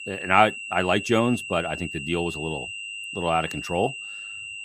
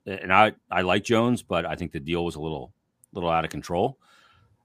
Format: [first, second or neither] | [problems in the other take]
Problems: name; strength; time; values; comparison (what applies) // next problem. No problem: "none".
second | high-pitched whine; loud; throughout; 3 kHz, 8 dB below the speech